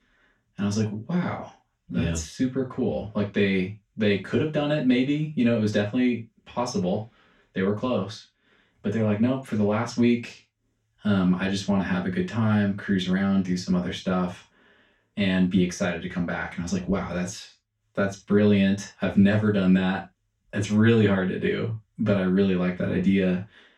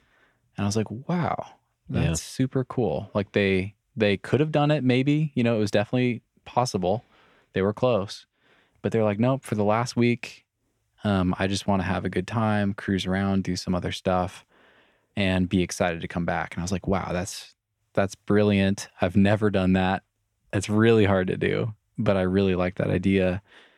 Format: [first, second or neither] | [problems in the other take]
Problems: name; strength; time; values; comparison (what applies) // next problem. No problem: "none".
second | room echo; slight; dies away in 0.2 s // off-mic speech; far